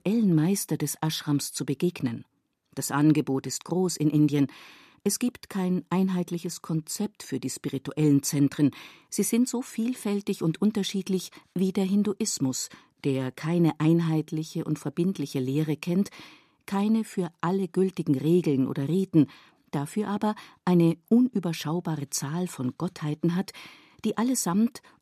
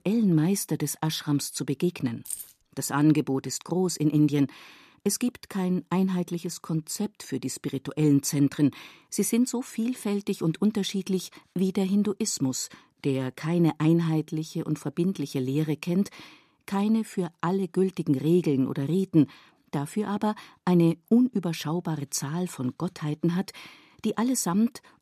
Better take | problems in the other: first | jangling keys; noticeable; at 2.5 s; peak 9 dB below the speech

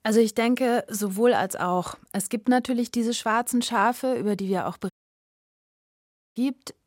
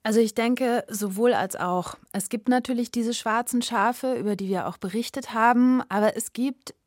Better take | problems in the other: second | audio cutting out; at 5 s for 1.5 s

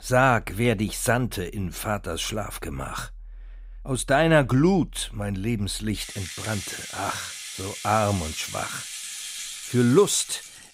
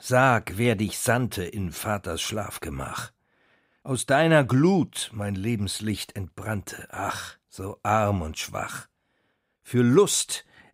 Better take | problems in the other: second | background music; noticeable; throughout; 10 dB below the speech

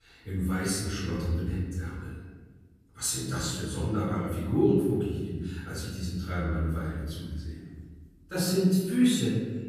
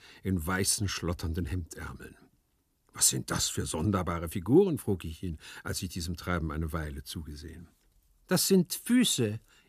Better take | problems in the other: second | off-mic speech; far // room echo; strong; dies away in 1.5 s

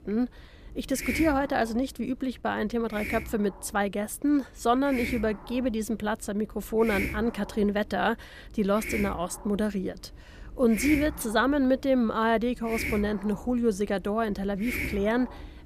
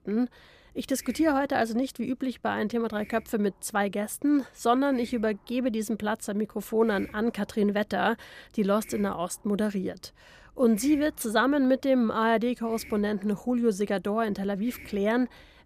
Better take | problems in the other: second | hiss; loud; throughout; 9 dB below the speech; faint in the second

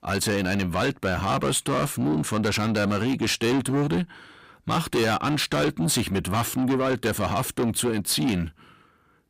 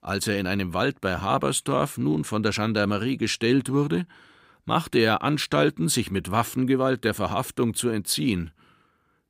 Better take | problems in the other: second | distortion; heavy; 8 dB below the speech

